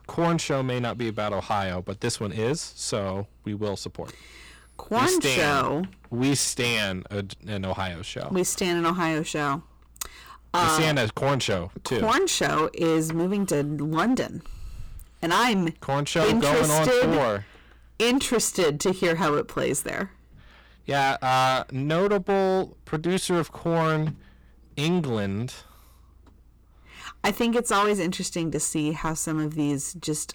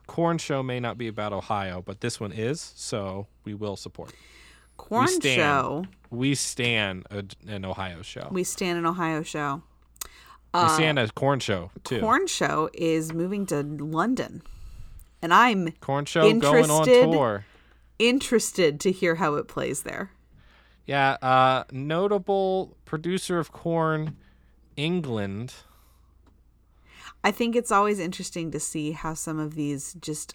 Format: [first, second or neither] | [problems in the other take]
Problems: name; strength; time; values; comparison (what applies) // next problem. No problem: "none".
second | distortion; heavy; 11% of the sound clipped